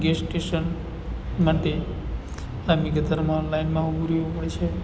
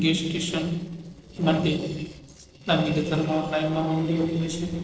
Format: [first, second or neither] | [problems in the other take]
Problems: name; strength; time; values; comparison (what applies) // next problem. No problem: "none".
first | noise reduction (neural separator model SepFormer DNS4)